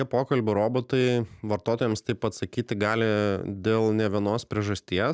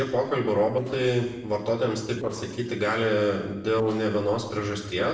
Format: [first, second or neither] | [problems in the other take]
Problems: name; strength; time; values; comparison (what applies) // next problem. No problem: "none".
first | noise reduction (neural separator model SepFormer DNS4)